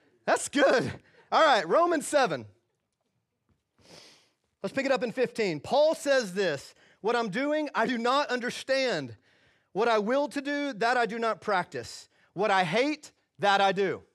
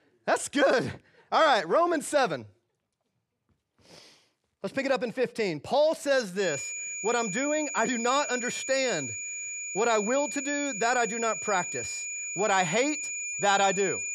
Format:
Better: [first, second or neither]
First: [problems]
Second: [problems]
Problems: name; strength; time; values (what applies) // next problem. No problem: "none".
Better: first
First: none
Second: high-pitched whine; loud; from 6.5 s on; 2.5 kHz, 5 dB below the speech